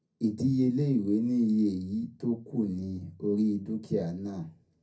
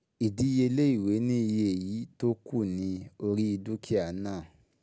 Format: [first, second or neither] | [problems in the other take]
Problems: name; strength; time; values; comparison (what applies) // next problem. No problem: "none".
second | room echo; dies away in 0.3 s